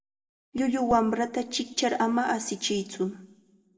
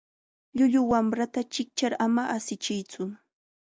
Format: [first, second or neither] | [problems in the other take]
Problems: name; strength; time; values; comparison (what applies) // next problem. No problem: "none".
second | room echo; dies away in 0.6 s